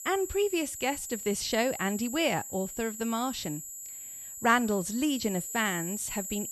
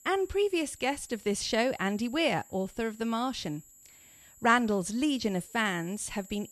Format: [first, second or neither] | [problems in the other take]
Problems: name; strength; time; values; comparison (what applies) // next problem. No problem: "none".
second | high-pitched whine; loud; throughout; 7.5 kHz, 8 dB below the speech; faint in the second